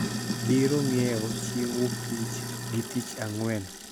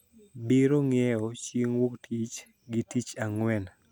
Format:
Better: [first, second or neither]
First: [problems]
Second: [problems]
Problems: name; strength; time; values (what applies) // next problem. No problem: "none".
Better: second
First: background sound (Sink (filling or washing)); 3 dB below the speech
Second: none